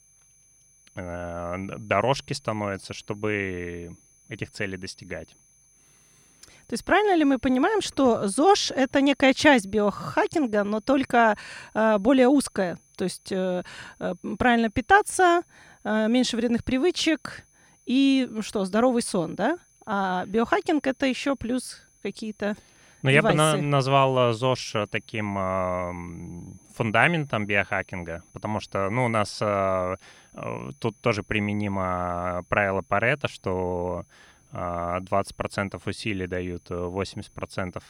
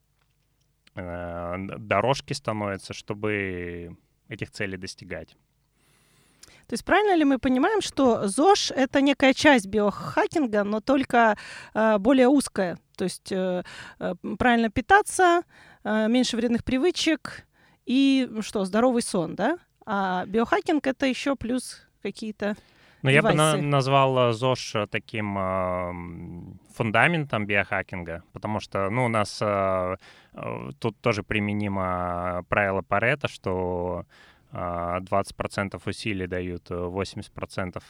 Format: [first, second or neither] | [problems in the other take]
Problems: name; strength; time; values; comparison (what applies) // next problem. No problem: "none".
second | high-pitched whine; faint; throughout; 6 kHz, 35 dB below the speech